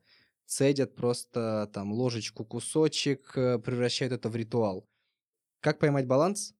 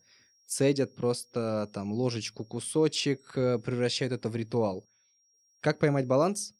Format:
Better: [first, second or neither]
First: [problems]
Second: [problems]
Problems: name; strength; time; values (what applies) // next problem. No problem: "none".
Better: first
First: none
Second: high-pitched whine; faint; throughout; 5.5 kHz, 35 dB below the speech